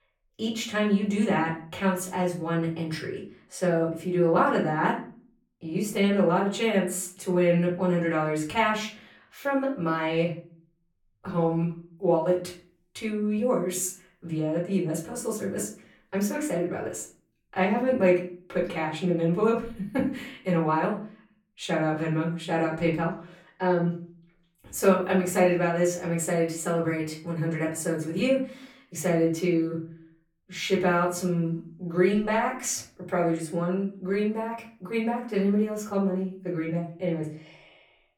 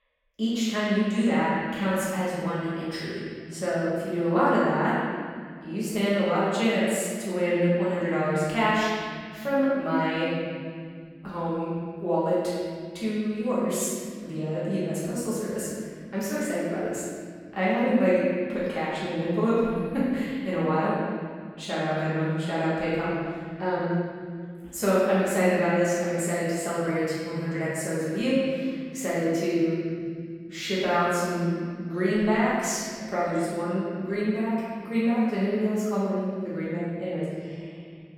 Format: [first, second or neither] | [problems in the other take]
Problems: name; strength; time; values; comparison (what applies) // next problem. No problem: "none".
first | room echo; strong; dies away in 2.1 s; slight in the first // off-mic speech; far; far in the first